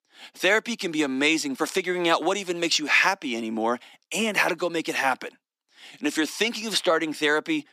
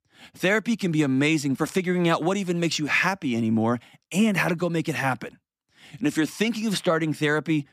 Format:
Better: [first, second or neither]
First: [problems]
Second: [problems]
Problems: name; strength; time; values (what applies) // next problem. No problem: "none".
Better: second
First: thin; somewhat; fading below 300 Hz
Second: none